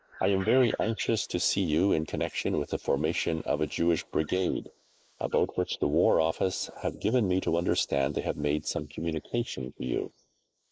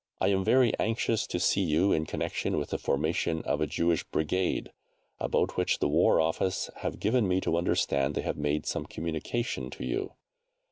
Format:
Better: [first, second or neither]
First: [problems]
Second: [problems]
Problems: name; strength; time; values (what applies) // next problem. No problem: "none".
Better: second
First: noise reduction (neural mask model Resemble Enhance denoiser)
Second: none